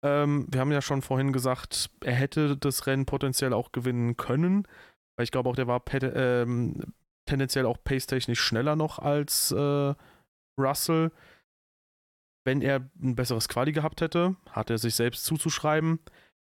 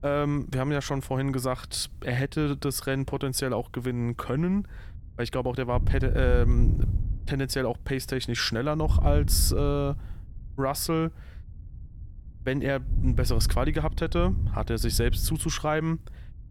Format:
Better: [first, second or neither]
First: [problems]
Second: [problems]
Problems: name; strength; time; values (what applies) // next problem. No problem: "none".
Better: first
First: none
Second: wind noise on the microphone; occasional gusts; 15 dB below the speech